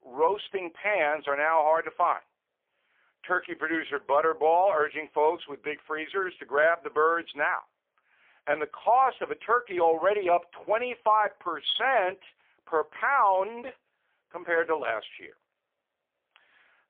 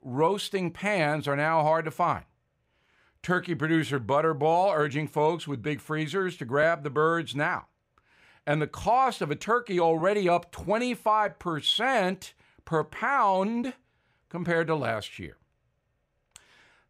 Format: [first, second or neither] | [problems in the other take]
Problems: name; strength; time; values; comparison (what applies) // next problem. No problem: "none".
second | phone-call audio; poor line; nothing above 3.5 kHz